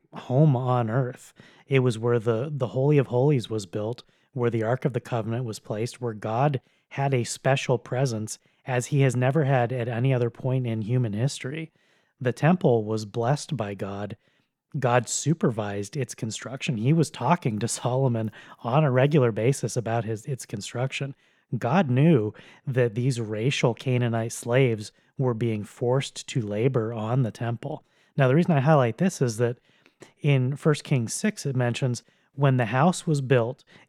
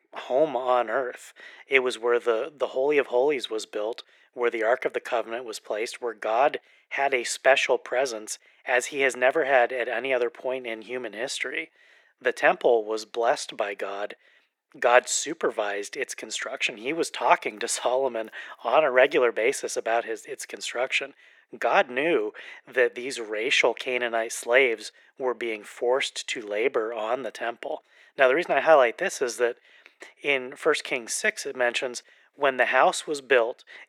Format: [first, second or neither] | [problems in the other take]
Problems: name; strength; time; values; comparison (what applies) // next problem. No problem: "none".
first | thin; very; fading below 350 Hz